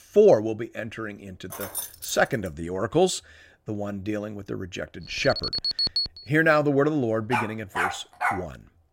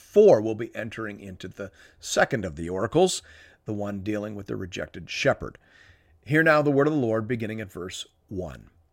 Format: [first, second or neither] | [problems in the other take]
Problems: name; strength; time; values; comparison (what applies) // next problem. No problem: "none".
second | jangling keys; noticeable; at 1.5 s; peak 6 dB below the speech // alarm; loud; from 5 to 6 s; peak 3 dB above the speech // dog barking; noticeable; from 7.5 to 8.5 s; peak 2 dB below the speech